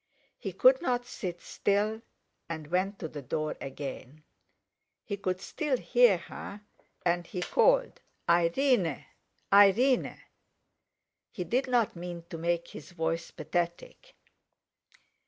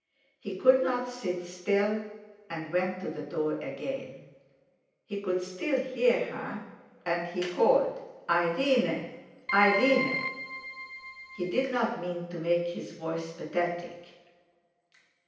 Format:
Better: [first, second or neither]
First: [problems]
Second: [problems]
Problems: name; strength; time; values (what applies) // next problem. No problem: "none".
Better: first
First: none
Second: background sound (Keyboard (musical)); 5 dB below the speech // room echo; dies away in 0.9 s